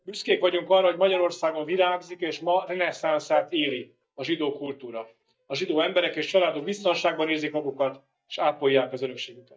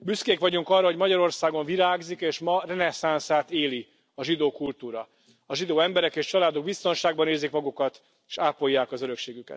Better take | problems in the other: second | noise reduction (neural mask model DeepFilterNet 3)

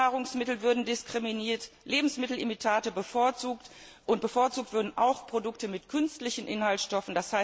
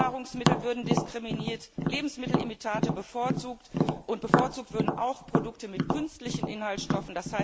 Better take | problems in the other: first | background sound (Tap); 4 dB above the speech

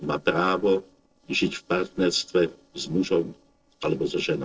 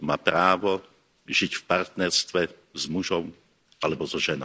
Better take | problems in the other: second | noise reduction (neural separator model SepFormer DNS4)

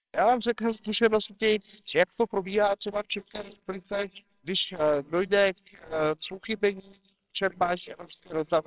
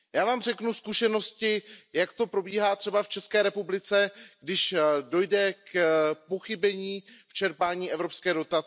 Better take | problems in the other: second | noise reduction (neural separator model SepFormer WHAMR!)

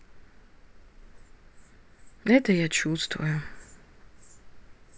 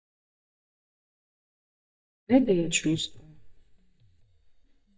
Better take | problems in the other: first | noise reduction (neural mask model DeepFilterNet 3)

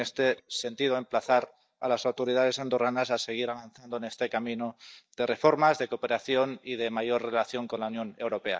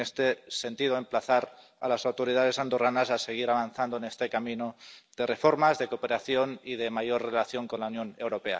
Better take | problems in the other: second | noise reduction (neural mask model DeepFilterNet 3)

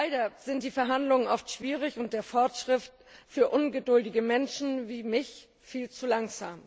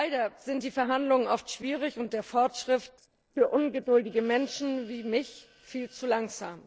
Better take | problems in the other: first | noise reduction (neural separator model SepFormer DNS4)

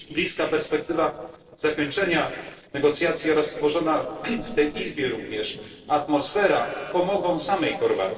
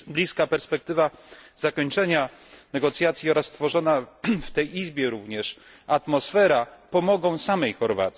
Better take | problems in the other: second | noise reduction (neural separator model SepFormer DNS4)

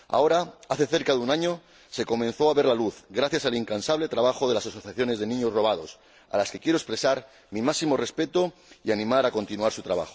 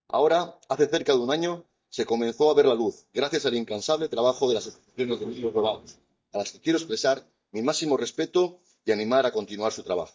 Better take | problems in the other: first | noise reduction (neural mask model DeepFilterNet 3)

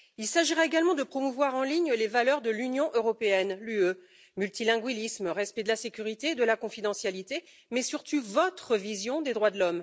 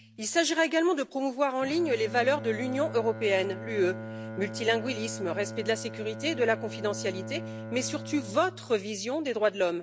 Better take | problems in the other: first | background sound (Bowed string instrument); 11 dB below the speech

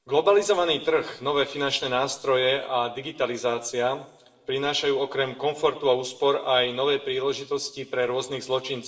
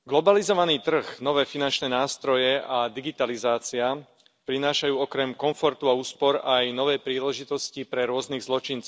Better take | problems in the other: second | room echo; dies away in 1.4 s

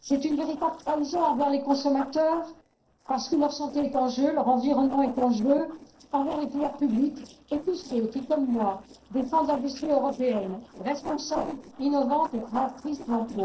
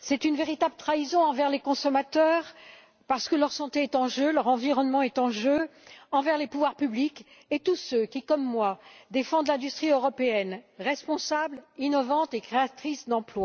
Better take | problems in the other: second | noise reduction (neural separator model SepFormer DNS4)

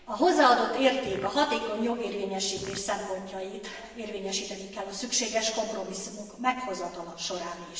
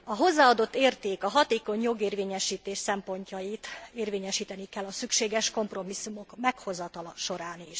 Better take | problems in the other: second | background sound (Fart); 16 dB below the speech // room echo; dies away in 1.2 s

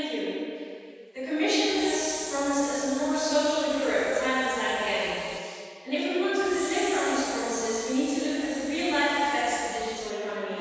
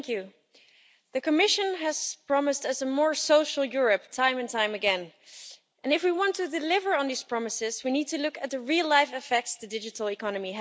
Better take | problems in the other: second | background sound (Train); 15 dB below the speech // room echo; dies away in 2.1 s

